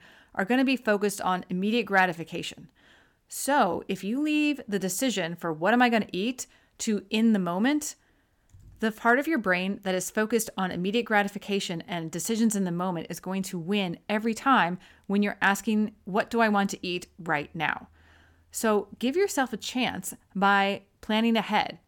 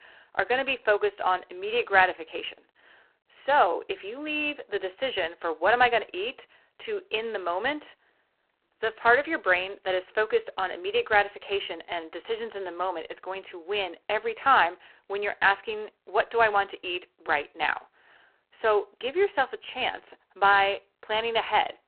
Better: first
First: none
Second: phone-call audio; poor line

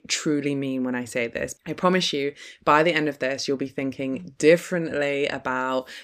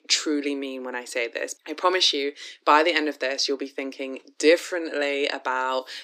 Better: first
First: none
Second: thin; very slightly; fading below 300 Hz

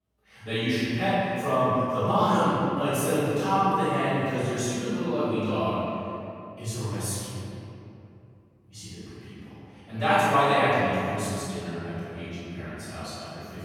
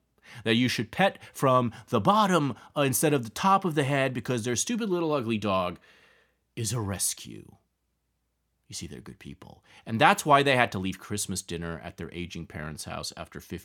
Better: second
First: off-mic speech; far // room echo; strong; dies away in 2.6 s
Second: none

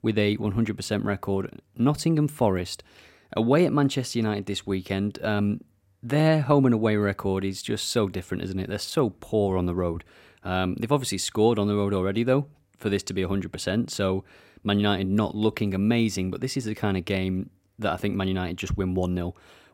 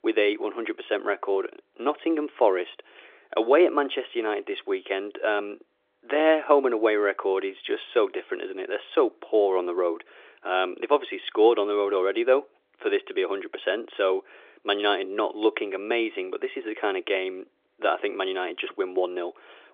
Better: first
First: none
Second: phone-call audio; nothing above 3.5 kHz

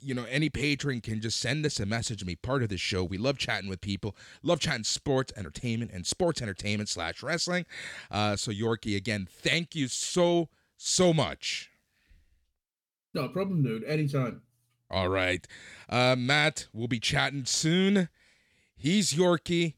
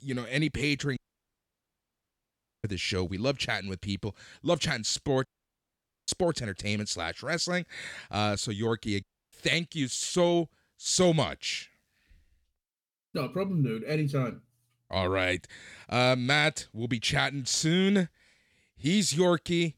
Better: first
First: none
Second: audio cutting out; at 1 s for 1.5 s, at 5.5 s for 1 s and at 9 s

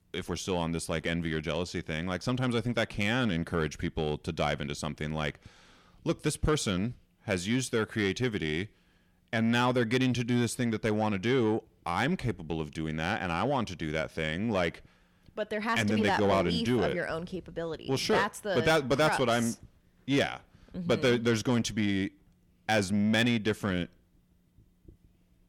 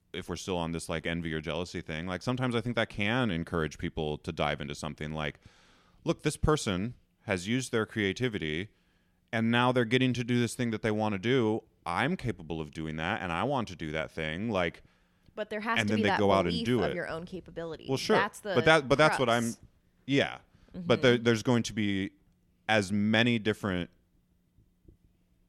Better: second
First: distortion; slight; 10 dB below the speech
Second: none

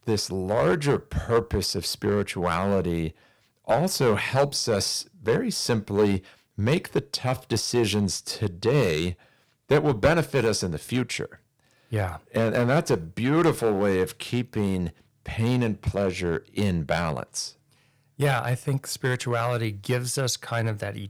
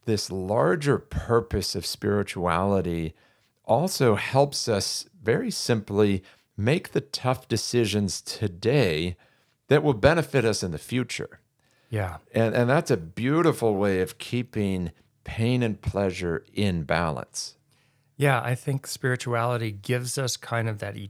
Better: second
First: distortion; slight; 3% of the sound clipped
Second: none

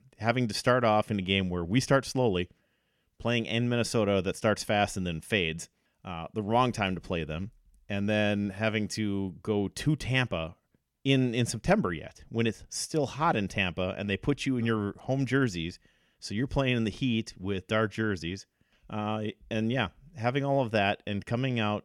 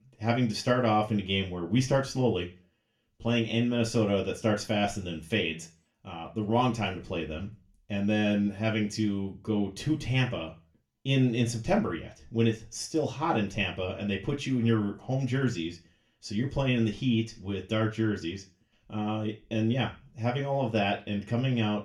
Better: first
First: none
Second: room echo; very slight; dies away in 0.3 s // off-mic speech; far

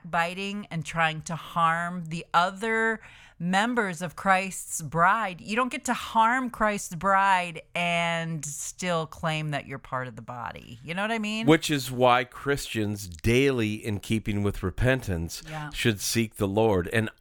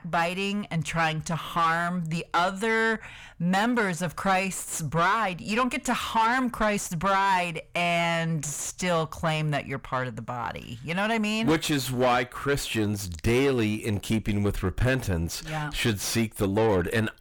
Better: first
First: none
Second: distortion; heavy; 7 dB below the speech

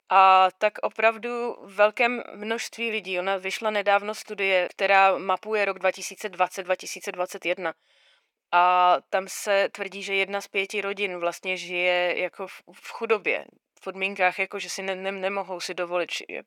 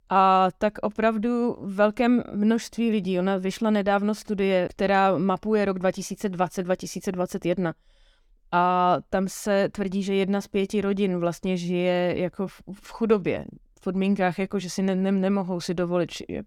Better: second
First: thin; very; fading below 650 Hz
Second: none

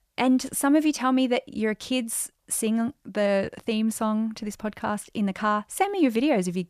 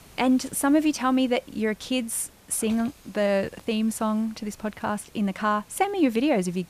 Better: first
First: none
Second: hiss; faint; throughout; 25 dB below the speech

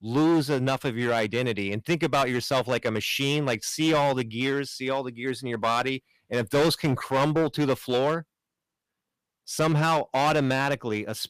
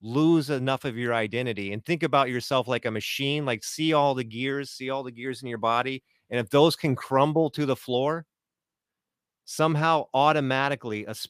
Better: second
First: distortion; heavy; 8% of the sound clipped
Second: none

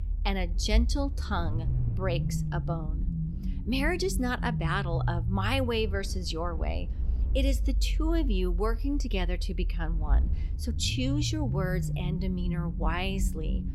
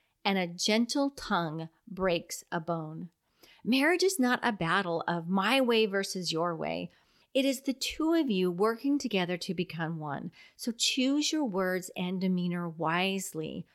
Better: second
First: low rumble; noticeable; throughout; 15 dB below the speech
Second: none

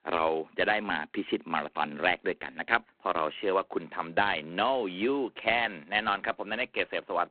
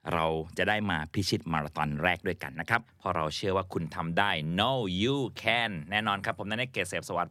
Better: second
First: phone-call audio; poor line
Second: none

